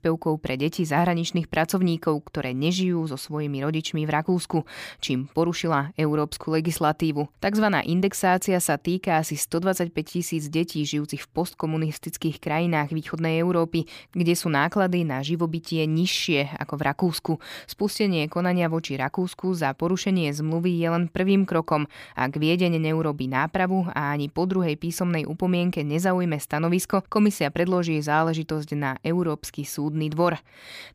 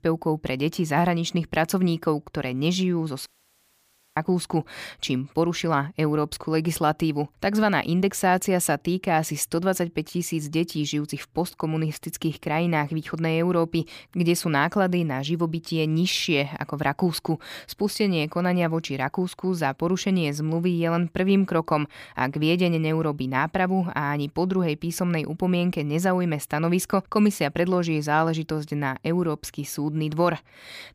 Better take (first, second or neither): first